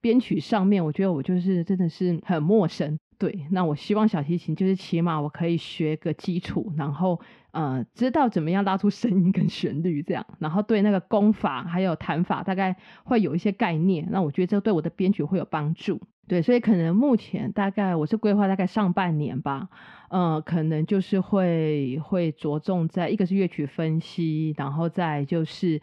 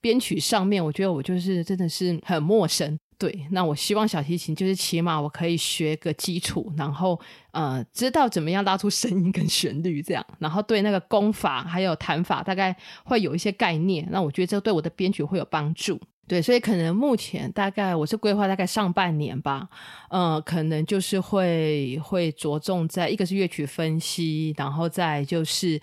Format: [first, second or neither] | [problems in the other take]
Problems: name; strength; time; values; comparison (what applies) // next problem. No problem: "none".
second | muffled; slightly; fading above 2.5 kHz